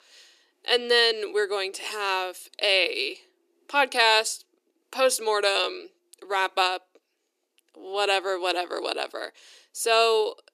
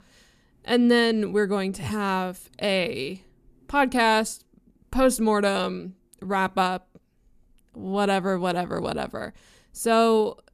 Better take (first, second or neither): second